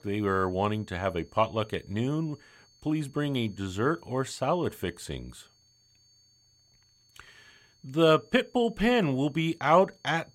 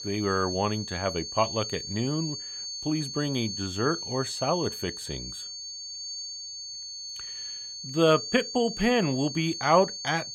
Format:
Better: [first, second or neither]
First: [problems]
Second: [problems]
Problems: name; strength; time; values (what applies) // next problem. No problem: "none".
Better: first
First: high-pitched whine; faint; throughout; 4.5 kHz, 35 dB below the speech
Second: high-pitched whine; loud; throughout; 4.5 kHz, 7 dB below the speech